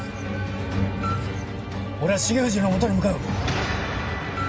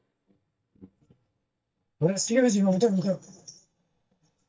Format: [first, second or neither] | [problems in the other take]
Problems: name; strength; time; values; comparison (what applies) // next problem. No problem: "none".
first | noise reduction (neural mask model DeepFilterNet 3)